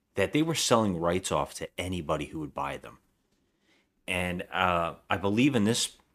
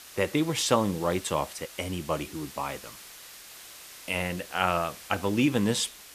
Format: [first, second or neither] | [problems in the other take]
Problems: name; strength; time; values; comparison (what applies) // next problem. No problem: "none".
first | hiss; noticeable; throughout; 15 dB below the speech